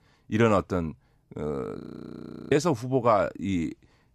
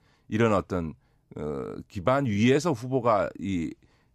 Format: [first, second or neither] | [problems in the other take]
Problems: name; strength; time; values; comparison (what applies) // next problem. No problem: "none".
second | audio freezing; at 2 s for 0.5 s